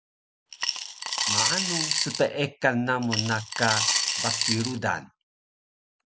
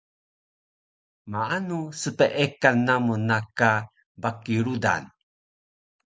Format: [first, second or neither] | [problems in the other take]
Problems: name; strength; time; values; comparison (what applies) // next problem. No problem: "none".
second | background sound (Coin (dropping) / Glass); 2 dB above the speech